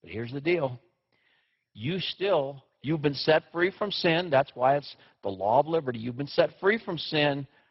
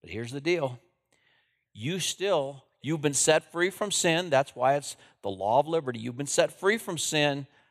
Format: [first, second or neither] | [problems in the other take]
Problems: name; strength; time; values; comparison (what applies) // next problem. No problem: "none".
second | garbled, watery; badly; nothing above 5.5 kHz